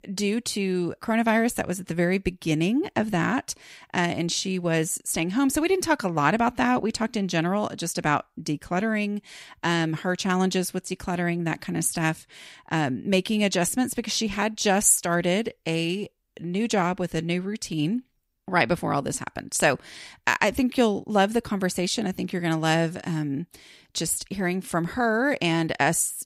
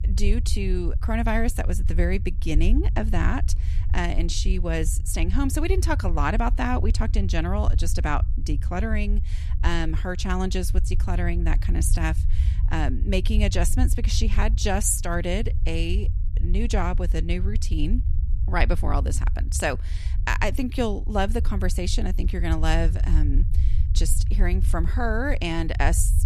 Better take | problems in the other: first | low rumble; noticeable; throughout; 15 dB below the speech

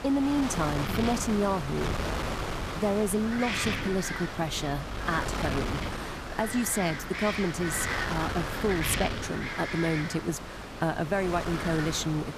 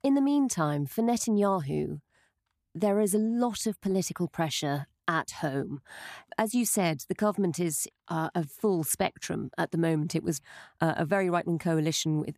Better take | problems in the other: second | wind noise on the microphone; heavy; 1 dB below the speech

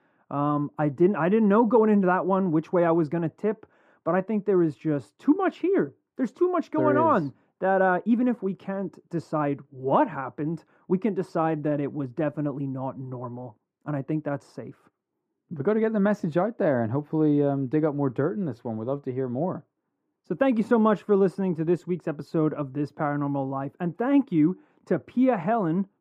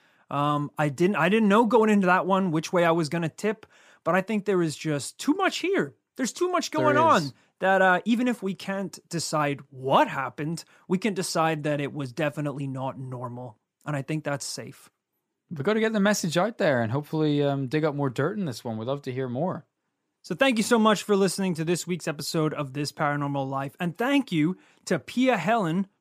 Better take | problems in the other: second | muffled; very; fading above 2.5 kHz

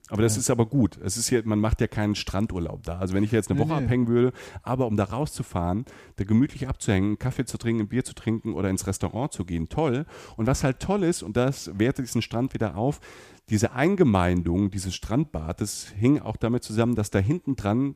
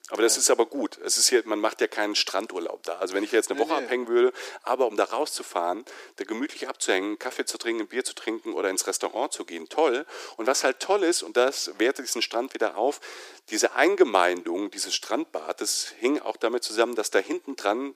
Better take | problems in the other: first | thin; very; fading below 350 Hz

